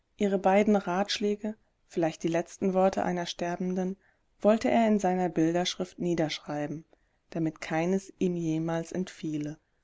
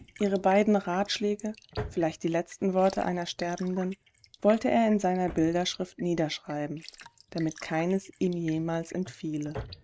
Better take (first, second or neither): first